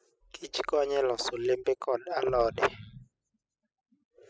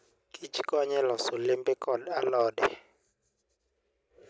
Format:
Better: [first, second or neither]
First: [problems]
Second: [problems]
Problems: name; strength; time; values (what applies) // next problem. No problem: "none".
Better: second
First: noise reduction (classical method spectral subtraction)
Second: none